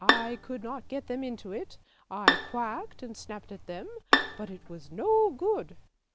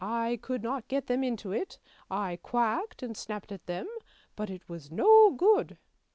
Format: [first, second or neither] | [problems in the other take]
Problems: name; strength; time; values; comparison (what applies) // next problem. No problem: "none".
second | background sound (Bowed string instrument); 2 dB above the speech